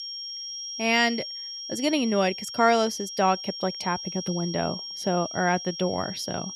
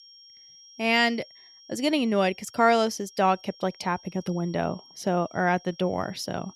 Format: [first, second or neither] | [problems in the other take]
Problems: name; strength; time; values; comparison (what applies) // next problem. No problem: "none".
second | high-pitched whine; loud; throughout; 5.5 kHz, 8 dB below the speech; faint in the second